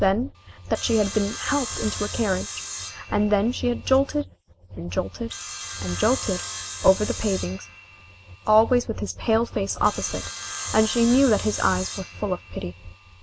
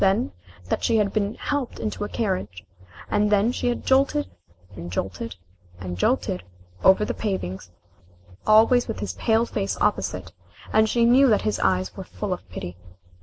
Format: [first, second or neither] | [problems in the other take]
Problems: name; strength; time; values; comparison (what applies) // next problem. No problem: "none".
second | background sound (Sawing); 11 dB below the speech